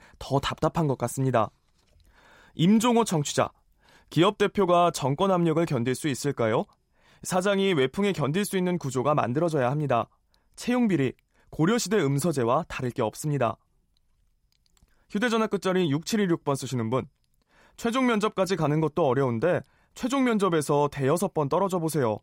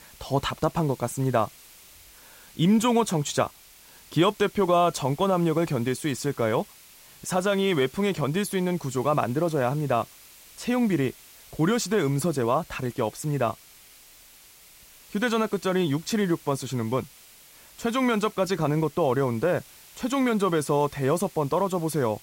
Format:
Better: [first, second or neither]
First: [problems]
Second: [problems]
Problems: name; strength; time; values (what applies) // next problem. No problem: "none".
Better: first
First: none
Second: hiss; faint; throughout; 20 dB below the speech